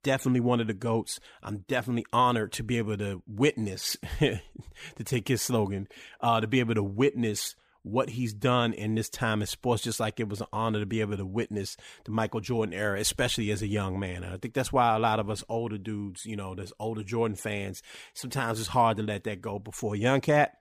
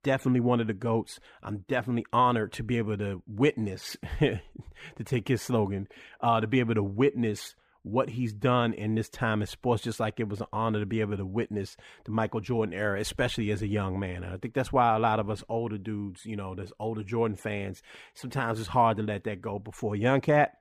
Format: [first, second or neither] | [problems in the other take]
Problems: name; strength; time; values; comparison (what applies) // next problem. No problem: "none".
first | muffled; slightly; fading above 3.5 kHz